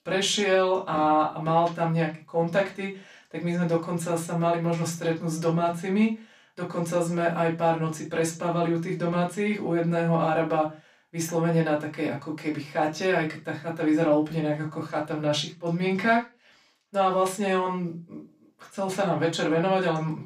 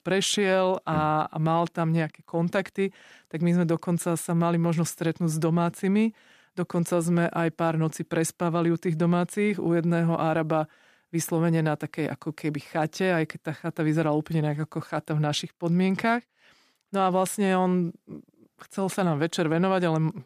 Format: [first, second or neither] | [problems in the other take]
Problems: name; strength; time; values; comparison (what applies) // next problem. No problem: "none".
second | room echo; slight; dies away in 0.2 s // off-mic speech; far